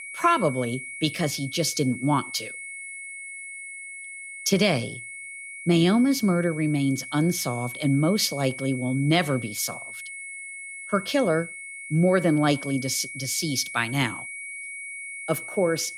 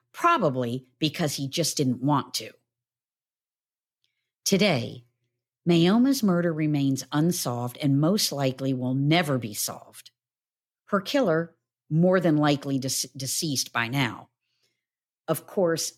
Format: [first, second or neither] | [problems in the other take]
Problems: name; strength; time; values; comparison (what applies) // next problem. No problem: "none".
second | high-pitched whine; noticeable; throughout; 2 kHz, 10 dB below the speech